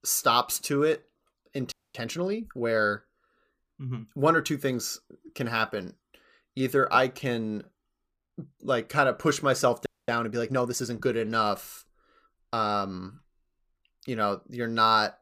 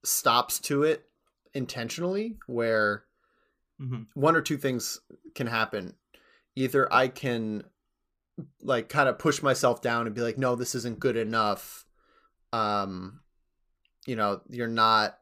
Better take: second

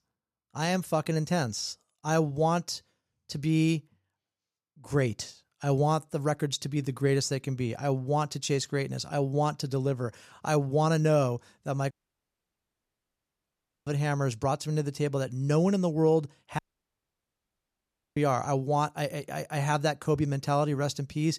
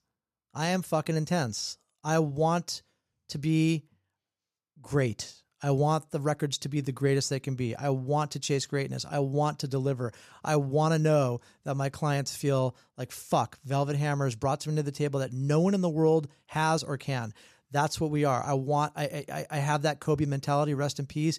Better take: second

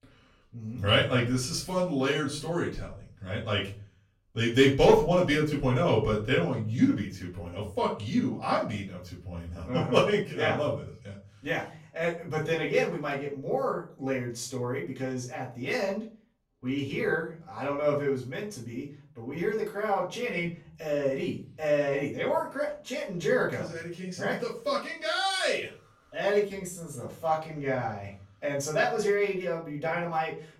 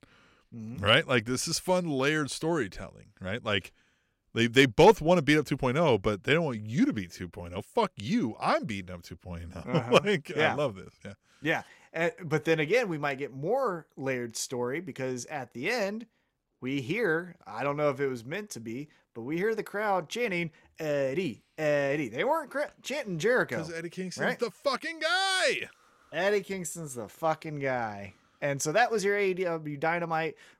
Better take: second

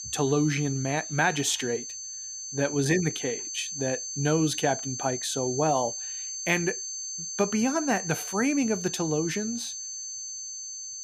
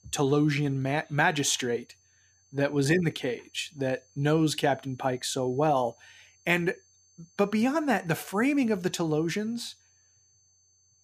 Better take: second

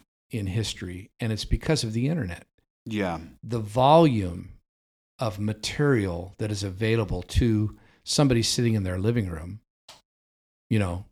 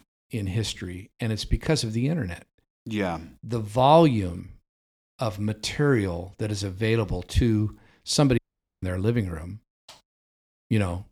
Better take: first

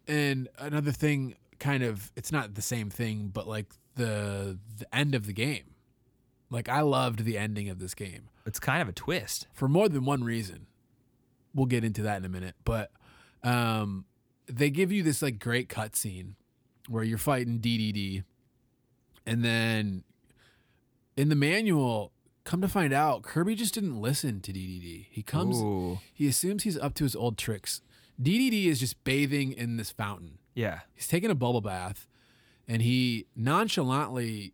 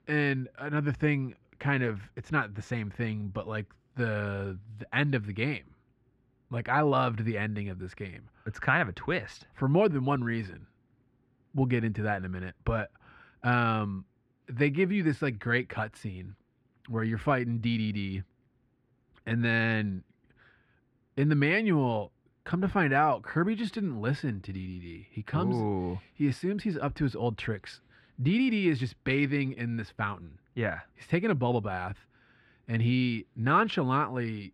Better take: first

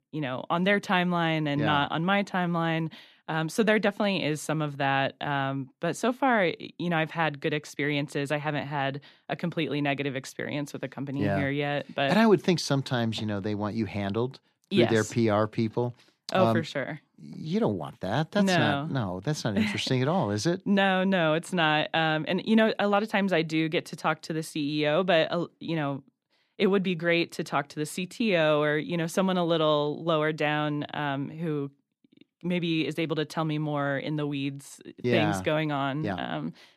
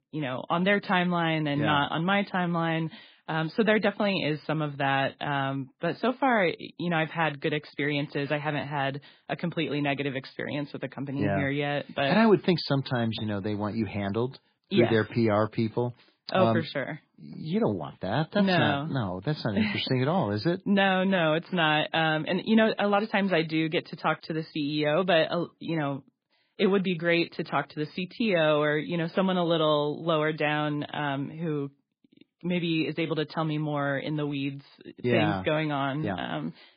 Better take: first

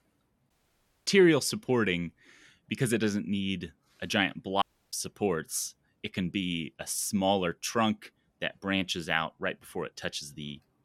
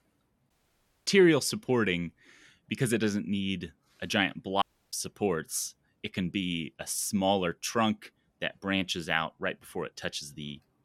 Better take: neither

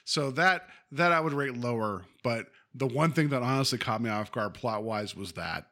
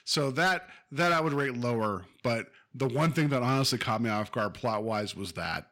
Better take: first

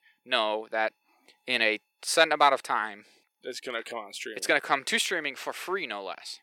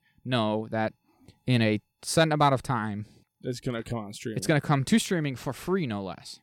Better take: second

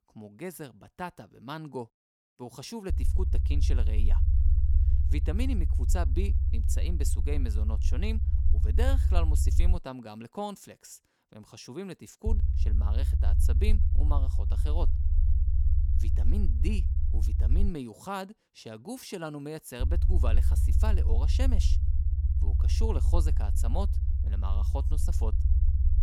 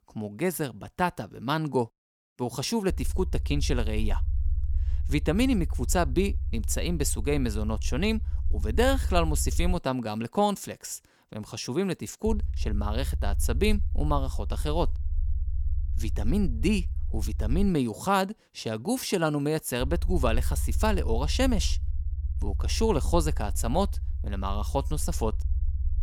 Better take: second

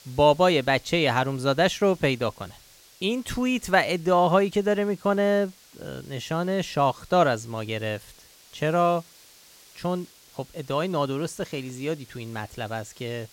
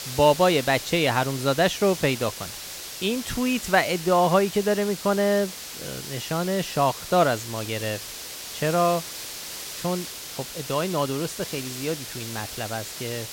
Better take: first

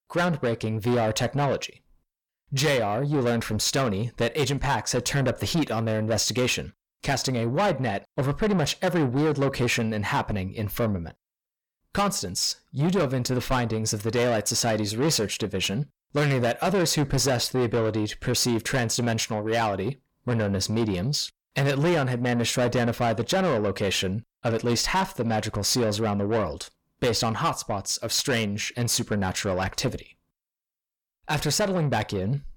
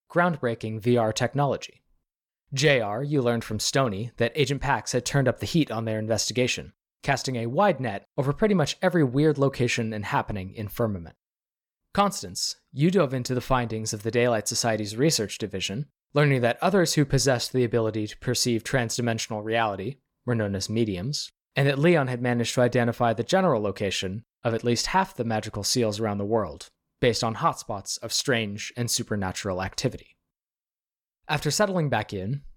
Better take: second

